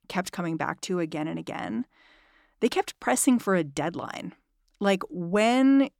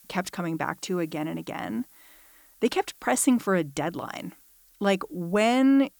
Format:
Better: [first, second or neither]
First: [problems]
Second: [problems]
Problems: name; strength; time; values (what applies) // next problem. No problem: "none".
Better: first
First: none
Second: hiss; faint; throughout; 25 dB below the speech